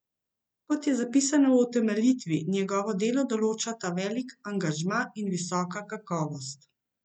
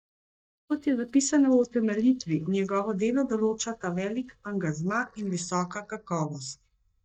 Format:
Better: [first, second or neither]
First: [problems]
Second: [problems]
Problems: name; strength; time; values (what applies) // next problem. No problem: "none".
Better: first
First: none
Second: noise reduction (neural mask model DeepFilterNet 3)